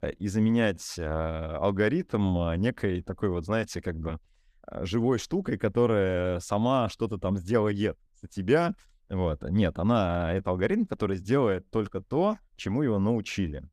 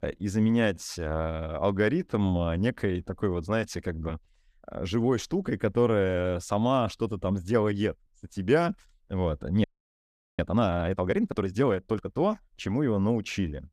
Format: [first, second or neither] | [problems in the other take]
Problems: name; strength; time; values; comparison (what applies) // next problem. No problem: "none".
first | audio freezing; at 9.5 s for 1 s